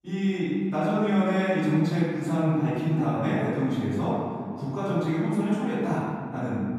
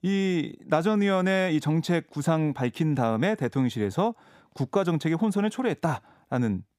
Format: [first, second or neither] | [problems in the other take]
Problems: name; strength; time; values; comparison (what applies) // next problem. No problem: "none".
second | off-mic speech; far // room echo; strong; dies away in 2 s